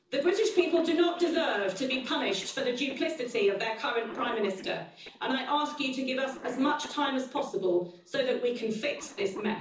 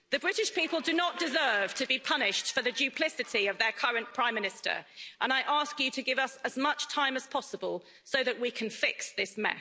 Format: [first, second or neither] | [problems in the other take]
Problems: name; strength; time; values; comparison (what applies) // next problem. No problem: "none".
second | noise reduction (neural separator model SepFormer DNS4)